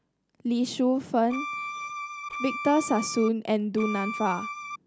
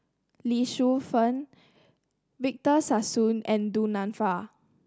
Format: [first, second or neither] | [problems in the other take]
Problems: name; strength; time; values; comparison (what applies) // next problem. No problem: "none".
second | background sound (Bowed string instrument); 7 dB below the speech